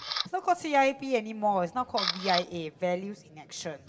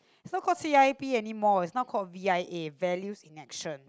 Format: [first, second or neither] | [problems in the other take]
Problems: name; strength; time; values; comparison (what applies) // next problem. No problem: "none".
second | background sound (Camera); 9 dB below the speech // room echo; dies away in 2.4 s